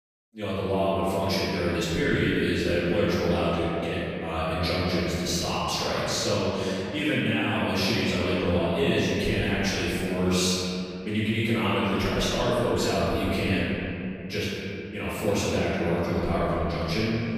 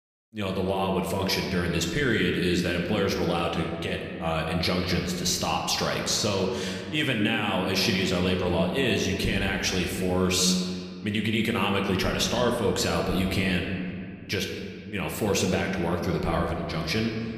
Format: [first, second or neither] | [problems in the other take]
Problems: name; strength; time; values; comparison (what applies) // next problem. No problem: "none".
second | room echo; strong; dies away in 2.6 s; slight in the second // off-mic speech; far